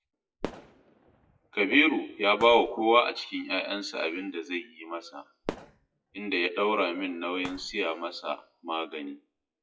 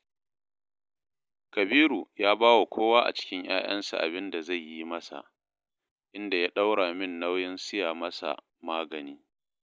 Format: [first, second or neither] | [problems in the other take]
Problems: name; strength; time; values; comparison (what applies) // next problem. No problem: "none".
second | noise reduction (classical method WPE with log-MMSE)